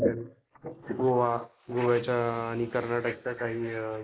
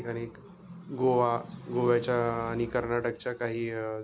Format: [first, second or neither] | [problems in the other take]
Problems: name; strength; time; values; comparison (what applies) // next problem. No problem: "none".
second | noise reduction (neural mask model Resemble Enhance denoiser)